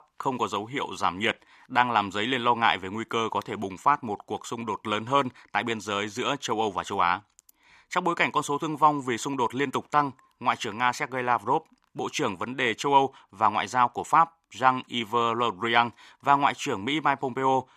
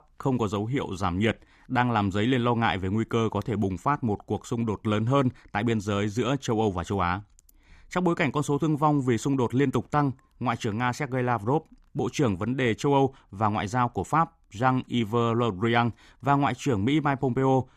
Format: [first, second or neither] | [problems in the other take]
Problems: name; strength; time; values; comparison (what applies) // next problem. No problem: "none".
second | thin; somewhat; fading below 650 Hz